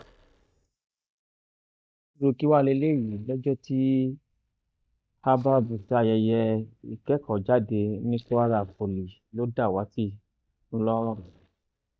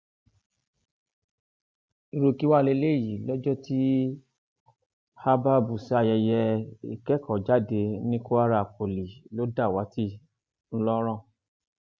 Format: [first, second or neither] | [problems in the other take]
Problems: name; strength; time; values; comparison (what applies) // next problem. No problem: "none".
second | noise reduction (neural mask model DeepFilterNet 3)